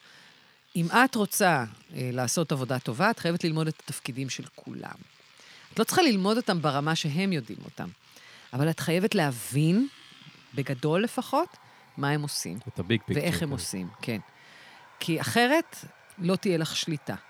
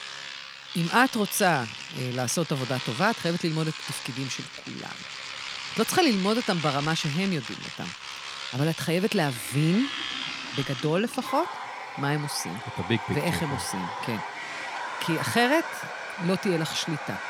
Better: first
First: household noises; faint; throughout; 25 dB below the speech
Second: household noises; loud; throughout; 7 dB below the speech

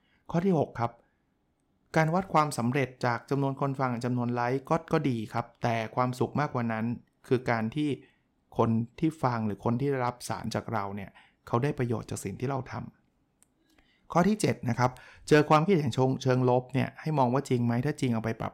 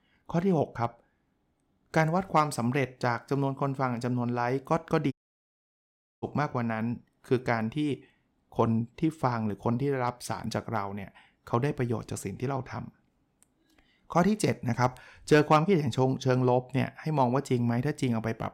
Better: first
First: none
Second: audio cutting out; at 5 s for 1 s

